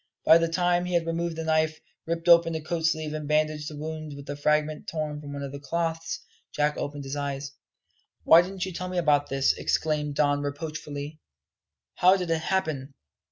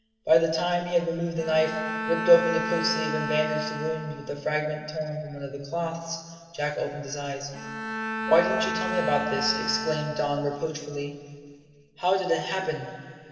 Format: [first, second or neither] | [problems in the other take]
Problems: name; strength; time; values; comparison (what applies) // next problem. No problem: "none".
first | background sound (Bowed string instrument); 7 dB below the speech // room echo; dies away in 2.5 s